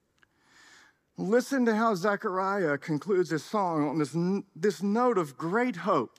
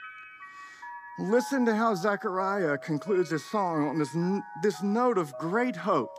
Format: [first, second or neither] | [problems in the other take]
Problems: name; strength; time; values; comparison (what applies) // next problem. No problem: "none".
first | background music; noticeable; throughout; 15 dB below the speech